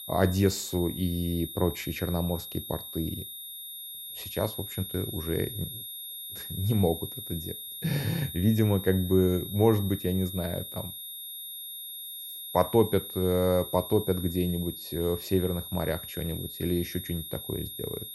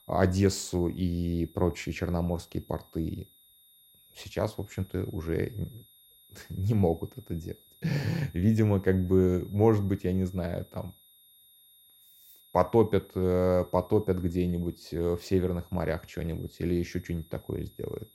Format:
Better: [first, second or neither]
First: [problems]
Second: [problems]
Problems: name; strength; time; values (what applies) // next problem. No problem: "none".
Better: second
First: high-pitched whine; loud; throughout; 3.5 kHz, 8 dB below the speech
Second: high-pitched whine; faint; throughout; 3.5 kHz, 25 dB below the speech